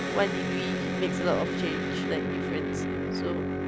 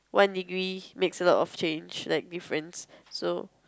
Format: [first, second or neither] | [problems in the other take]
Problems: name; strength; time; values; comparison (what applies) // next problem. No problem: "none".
second | background sound (Electric guitar); 4 dB above the speech